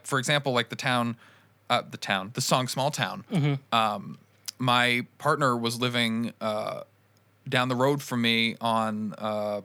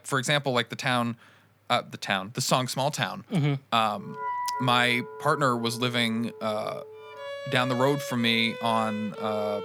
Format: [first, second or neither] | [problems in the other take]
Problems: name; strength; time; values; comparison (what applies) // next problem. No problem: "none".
first | background music; noticeable; from 4 s on; 10 dB below the speech